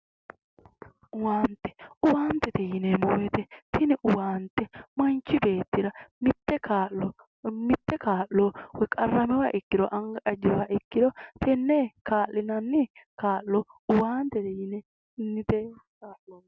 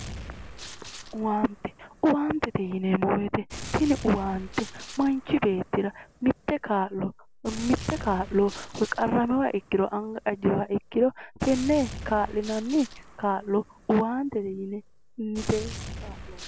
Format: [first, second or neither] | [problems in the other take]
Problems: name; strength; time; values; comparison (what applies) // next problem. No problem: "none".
first | background sound (Gunshot, gunfire); 14 dB below the speech